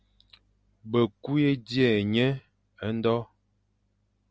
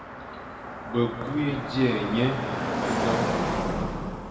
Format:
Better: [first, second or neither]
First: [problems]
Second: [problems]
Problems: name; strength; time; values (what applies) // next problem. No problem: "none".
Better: first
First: none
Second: background sound (Car passing by); 1 dB below the speech // room echo; dies away in 2 s